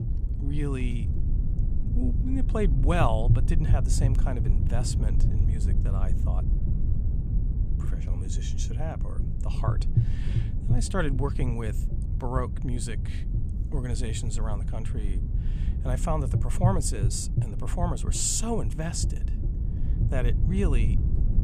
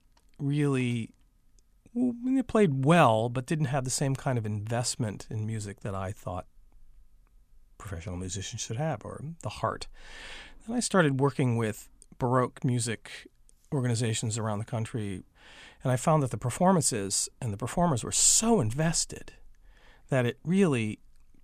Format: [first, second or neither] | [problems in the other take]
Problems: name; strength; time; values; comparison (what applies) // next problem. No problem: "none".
second | low rumble; loud; throughout; 9 dB below the speech